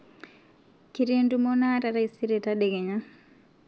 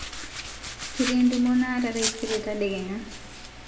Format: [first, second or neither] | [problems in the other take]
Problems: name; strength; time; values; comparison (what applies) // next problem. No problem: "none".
first | background sound (Domestic sounds, home sounds); 8 dB below the speech // room echo; dies away in 0.5 s